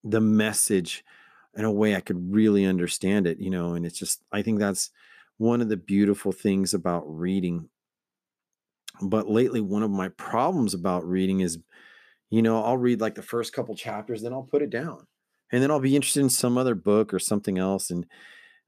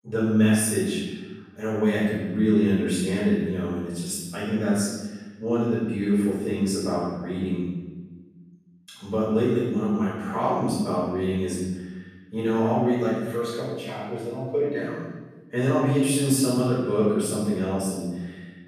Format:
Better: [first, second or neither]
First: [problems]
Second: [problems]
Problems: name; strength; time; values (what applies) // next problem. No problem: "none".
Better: first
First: none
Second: off-mic speech; far // room echo; strong; dies away in 1.1 s